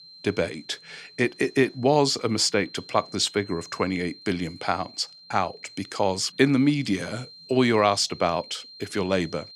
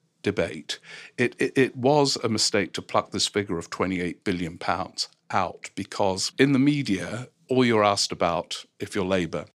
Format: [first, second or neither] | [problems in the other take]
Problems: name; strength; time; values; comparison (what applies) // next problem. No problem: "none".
second | high-pitched whine; noticeable; throughout; 4 kHz, 20 dB below the speech